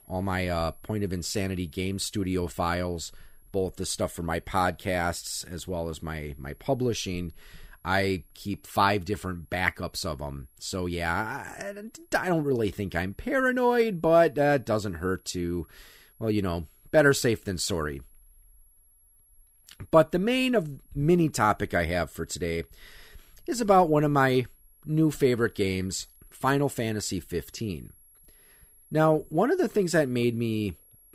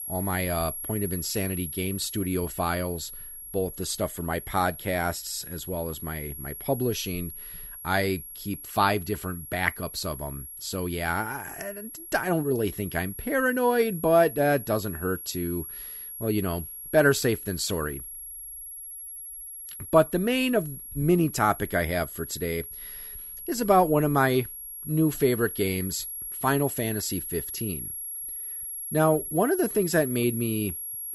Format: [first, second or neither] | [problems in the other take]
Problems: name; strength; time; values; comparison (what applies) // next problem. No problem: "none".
first | high-pitched whine; loud; throughout; 11.5 kHz, 9 dB below the speech; faint in the first